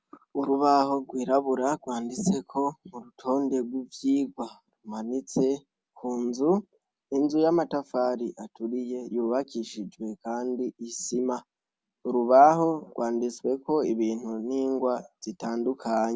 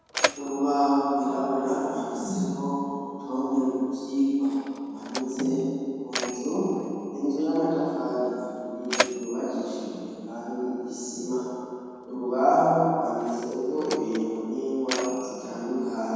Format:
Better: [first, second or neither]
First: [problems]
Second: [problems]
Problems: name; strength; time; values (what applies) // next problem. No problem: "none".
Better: first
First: none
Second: background sound (Mechanisms); 11 dB below the speech // room echo; dies away in 2.1 s